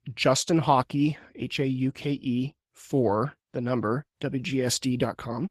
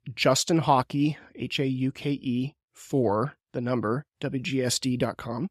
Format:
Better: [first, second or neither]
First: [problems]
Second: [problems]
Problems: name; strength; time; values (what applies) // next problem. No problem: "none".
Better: second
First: garbled, watery; slightly; nothing above 14.5 kHz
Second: none